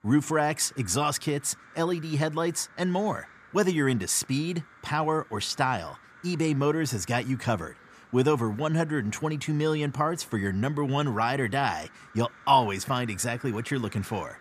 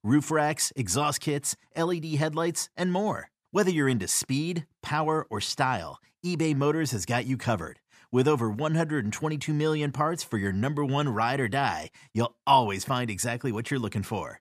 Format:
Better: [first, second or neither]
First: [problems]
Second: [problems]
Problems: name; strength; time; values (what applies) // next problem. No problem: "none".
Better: second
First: animal sounds; faint; throughout; 25 dB below the speech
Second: none